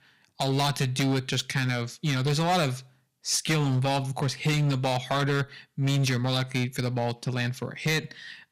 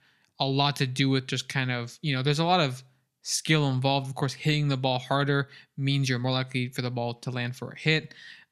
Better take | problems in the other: second | distortion; heavy; 11% of the sound clipped

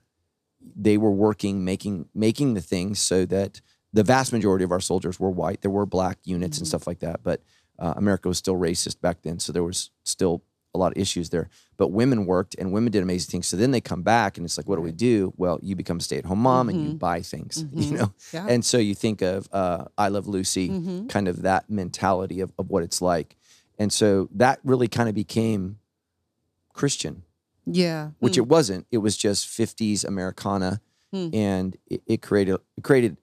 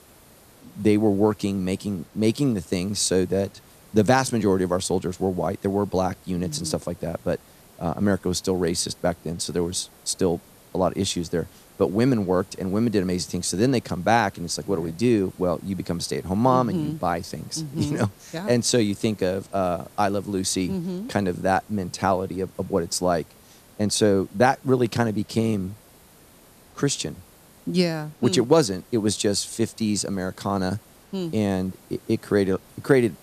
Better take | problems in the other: first | hiss; faint; throughout; 25 dB below the speech

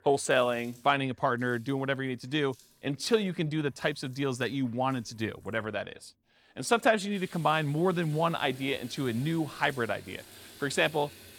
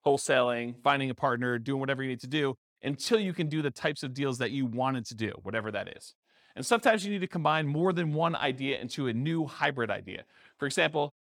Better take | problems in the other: second | household noises; faint; throughout; 20 dB below the speech

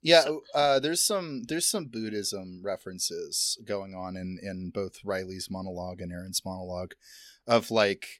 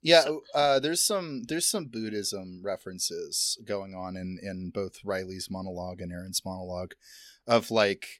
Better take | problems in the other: neither | none

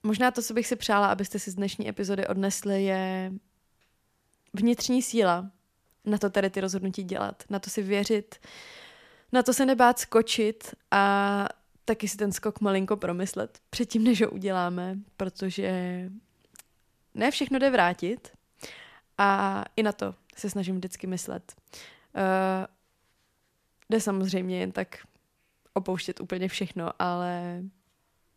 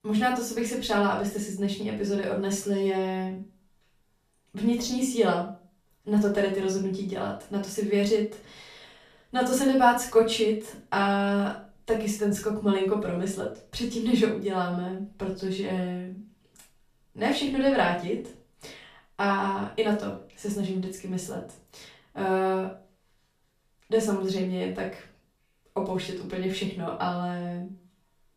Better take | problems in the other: first | off-mic speech; far // room echo; slight; dies away in 0.3 s

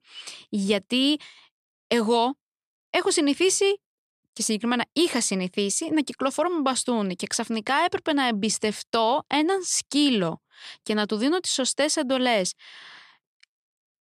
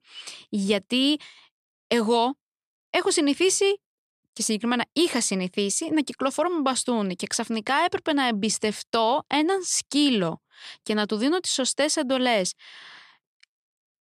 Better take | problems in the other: neither | none

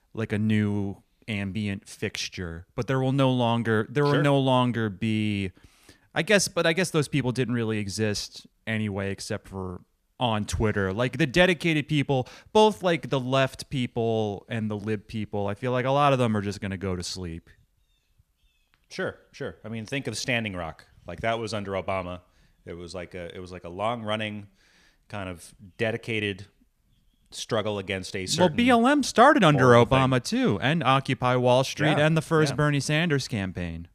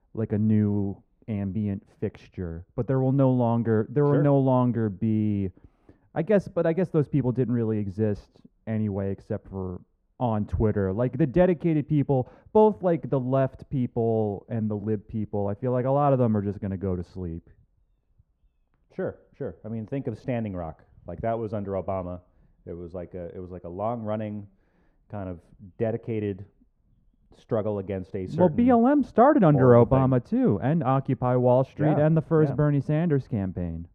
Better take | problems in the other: first | muffled; very; fading above 2 kHz

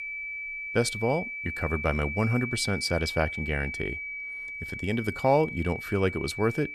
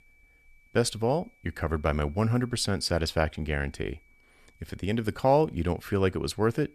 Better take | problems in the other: second | high-pitched whine; loud; throughout; 2.5 kHz, 6 dB below the speech; faint in the second

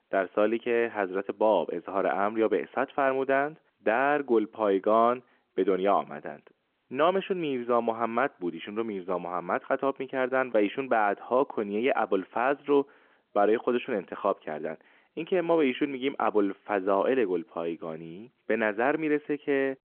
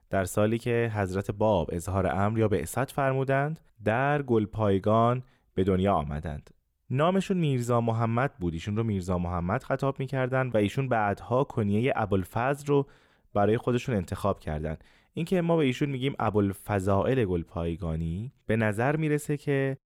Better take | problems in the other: second | phone-call audio

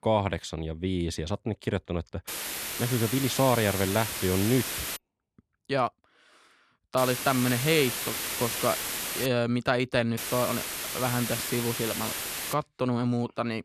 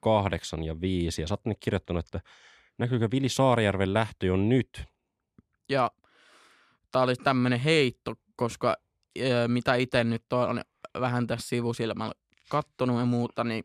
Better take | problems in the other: second | hiss; loud; from 2.5 to 5 s, from 7 to 9.5 s and from 10 to 13 s; 3 dB below the speech

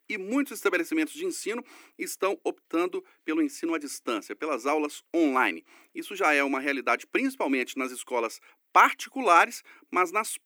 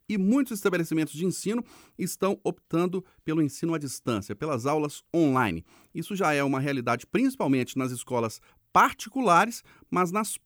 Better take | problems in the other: second | thin; very slightly; fading below 300 Hz

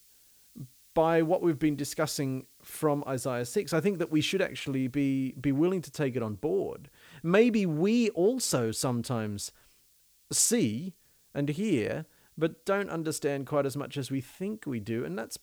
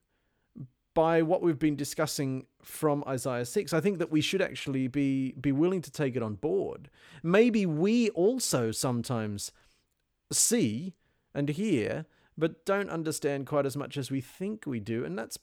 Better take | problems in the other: second | hiss; faint; throughout; 30 dB below the speech

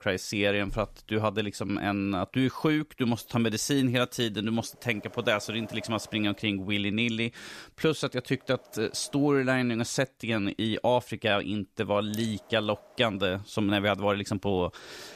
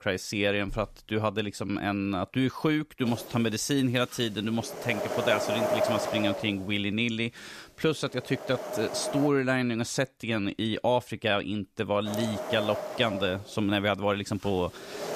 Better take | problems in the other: first | wind noise on the microphone; heavy; from 3 to 9.5 s and from 12 s on; 2 dB below the speech; occasional gusts in the first

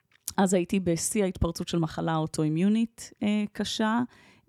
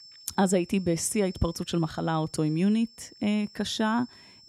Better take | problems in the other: first | high-pitched whine; faint; throughout; 5.5 kHz, 20 dB below the speech

